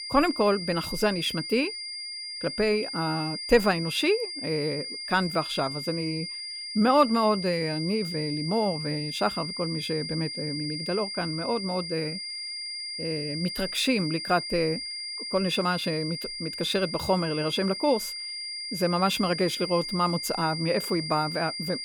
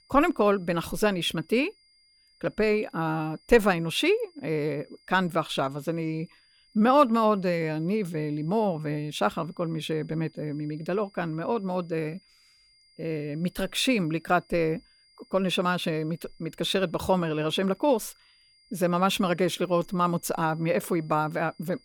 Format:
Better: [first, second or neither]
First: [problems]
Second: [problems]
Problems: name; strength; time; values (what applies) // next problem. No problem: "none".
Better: second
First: high-pitched whine; loud; throughout; 5 kHz, 5 dB below the speech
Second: high-pitched whine; faint; throughout; 5 kHz, 30 dB below the speech